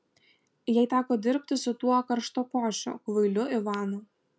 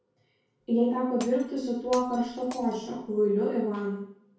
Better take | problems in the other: first | background sound (Glass); 20 dB below the speech // room echo; dies away in 0.6 s

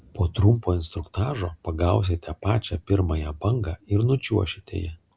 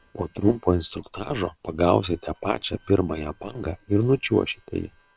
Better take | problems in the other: first | noise reduction (neural separator model SepFormer WHAM!)

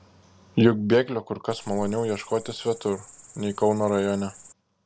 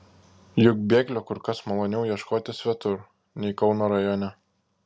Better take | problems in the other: second | background sound (Cricket); 19 dB below the speech

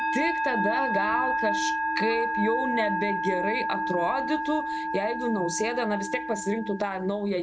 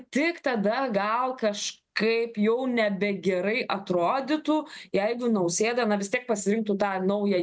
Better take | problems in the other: second | background sound (Musical instrument); as loud as the speech

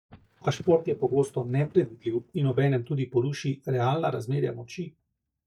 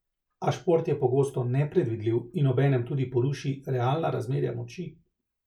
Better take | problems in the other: second | noise reduction (neural mask model DeepFilterNet 3)

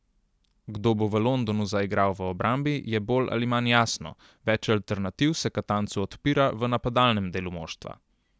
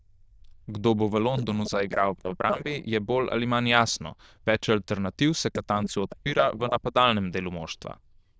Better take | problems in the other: first | noise reduction (neural diffusion model UNIVERSE++)

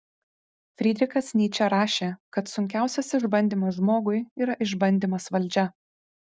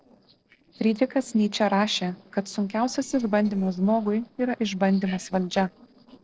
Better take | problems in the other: first | noise reduction (neural separator model SepFormer DNS4)

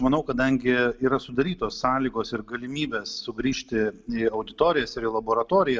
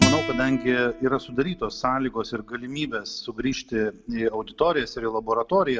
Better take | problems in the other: first | background sound (Acoustic guitar); 5 dB below the speech

